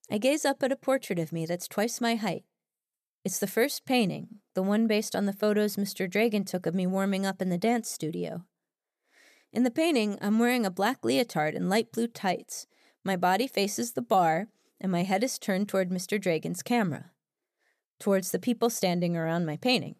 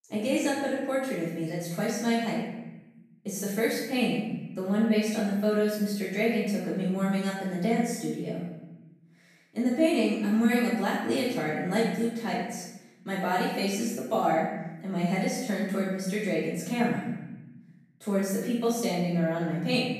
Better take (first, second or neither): first